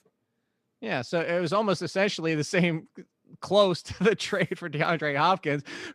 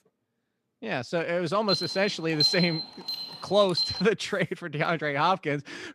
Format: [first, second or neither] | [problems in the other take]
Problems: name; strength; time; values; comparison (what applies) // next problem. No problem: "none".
first | alarm; loud; from 1.5 to 4 s; peak 4 dB above the speech